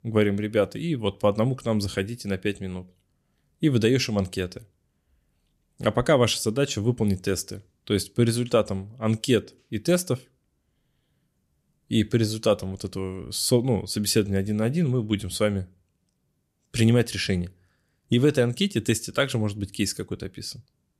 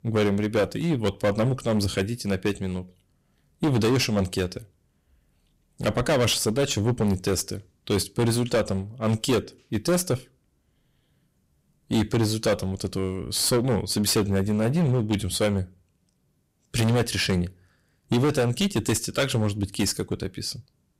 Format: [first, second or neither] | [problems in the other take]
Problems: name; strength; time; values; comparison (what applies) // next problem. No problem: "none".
first | distortion; heavy; 13% of the sound clipped